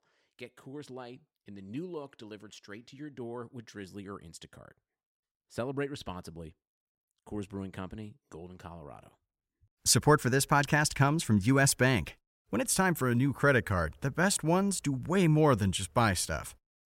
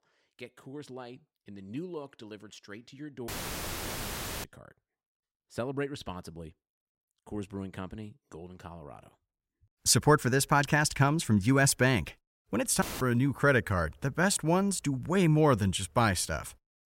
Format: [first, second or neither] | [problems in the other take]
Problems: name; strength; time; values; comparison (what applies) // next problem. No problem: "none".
first | audio cutting out; filled with static; at 3.5 s for 1 s and at 13 s